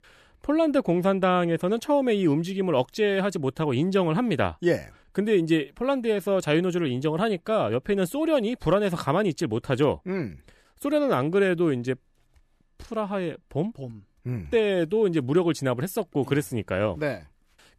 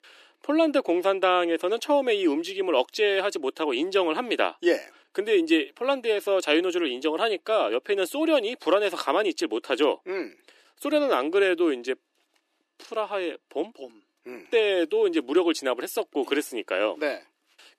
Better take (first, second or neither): first